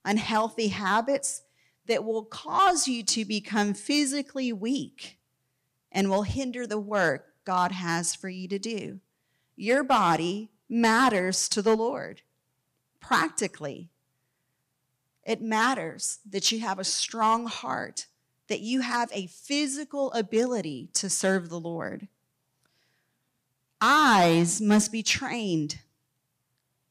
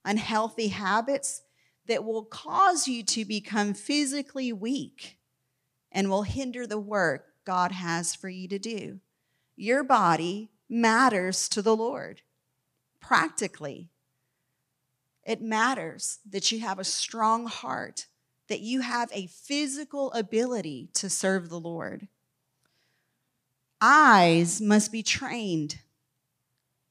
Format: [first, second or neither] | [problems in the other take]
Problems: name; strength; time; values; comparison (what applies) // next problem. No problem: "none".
second | distortion; slight; 1.7% of the sound clipped